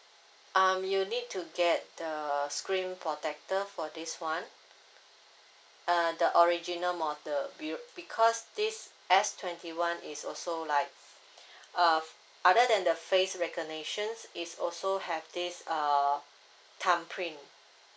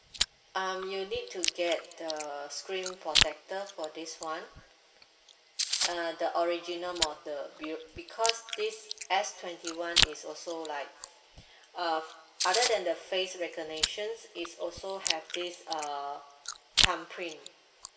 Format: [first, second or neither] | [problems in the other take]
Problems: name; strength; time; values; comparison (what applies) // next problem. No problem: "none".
first | background sound (Chewing, mastication); as loud as the speech // room echo; dies away in 2.8 s